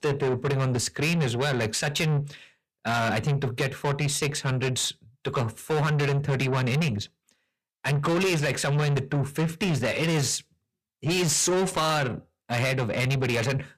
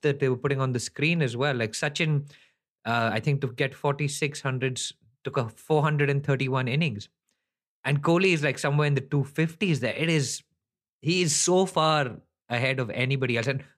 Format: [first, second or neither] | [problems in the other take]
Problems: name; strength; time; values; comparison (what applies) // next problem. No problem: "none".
second | distortion; heavy; 6 dB below the speech